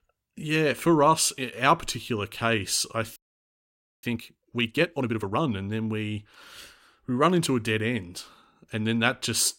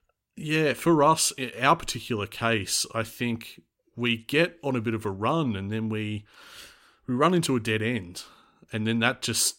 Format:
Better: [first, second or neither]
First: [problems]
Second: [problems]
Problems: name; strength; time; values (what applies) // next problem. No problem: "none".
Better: second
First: audio freezing; at 3 s for 1 s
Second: none